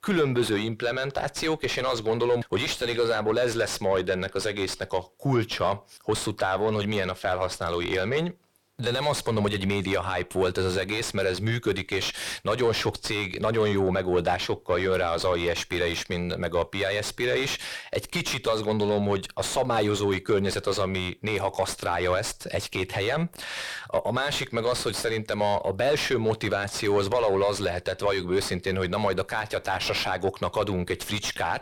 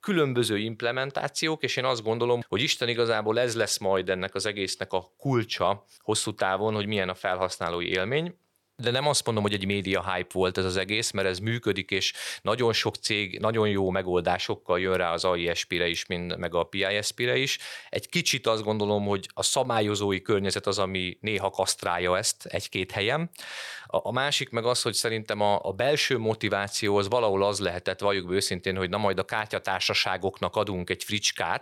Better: second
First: distortion; heavy; 6 dB below the speech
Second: none

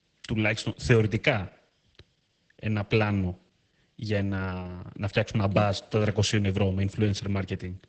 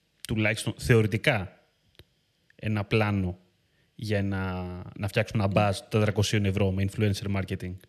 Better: second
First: garbled, watery; badly; nothing above 8 kHz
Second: none

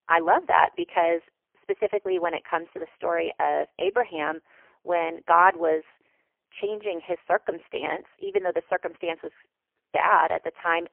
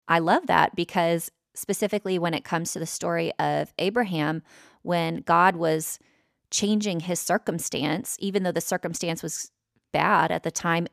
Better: second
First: phone-call audio; poor line; nothing above 3 kHz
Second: none

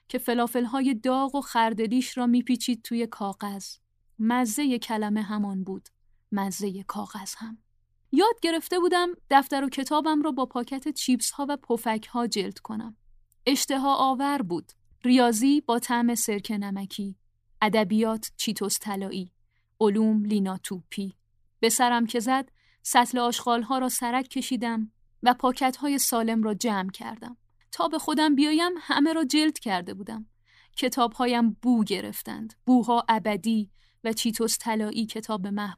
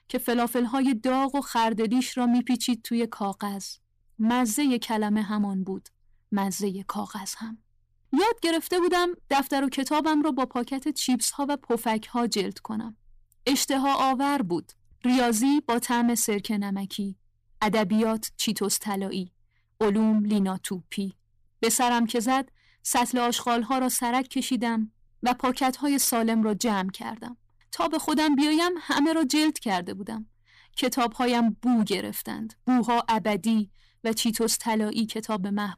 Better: first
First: none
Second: distortion; slight; 9% of the sound clipped

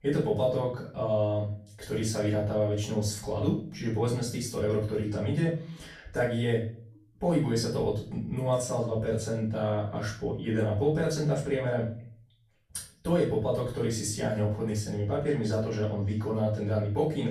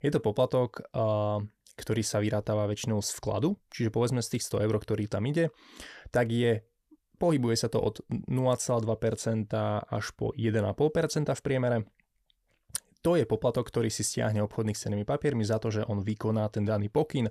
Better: second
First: off-mic speech; far // room echo; noticeable; dies away in 0.4 s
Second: none

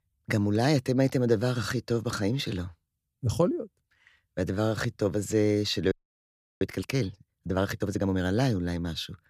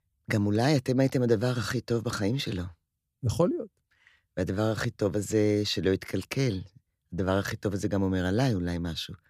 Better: second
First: audio freezing; at 6 s for 0.5 s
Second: none

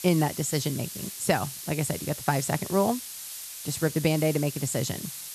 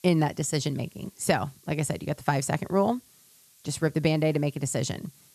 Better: second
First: hiss; loud; throughout; 8 dB below the speech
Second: hiss; faint; throughout; 25 dB below the speech

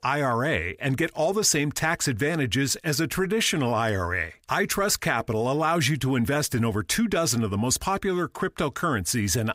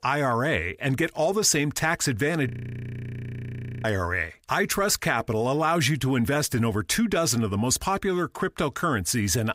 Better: first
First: none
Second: audio freezing; at 2.5 s for 1.5 s

